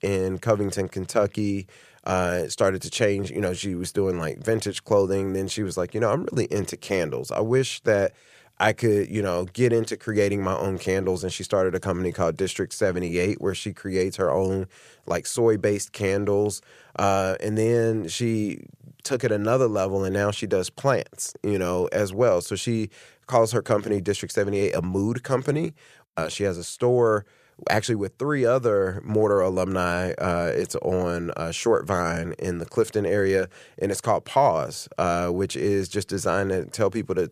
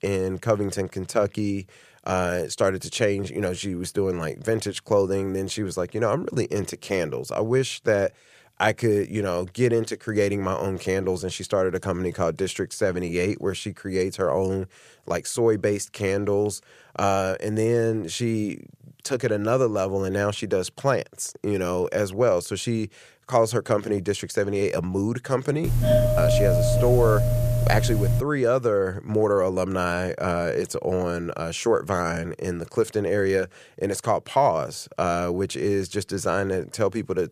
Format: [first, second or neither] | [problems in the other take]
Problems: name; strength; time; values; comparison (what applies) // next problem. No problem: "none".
first | doorbell; loud; from 26 to 28 s; peak 5 dB above the speech